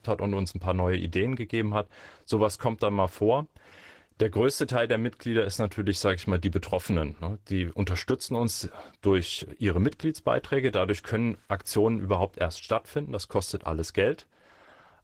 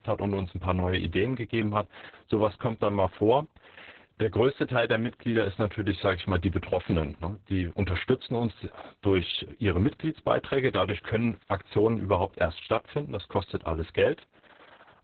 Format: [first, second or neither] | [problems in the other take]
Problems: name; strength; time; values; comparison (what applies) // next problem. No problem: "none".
first | garbled, watery; badly; nothing above 4 kHz; slightly in the first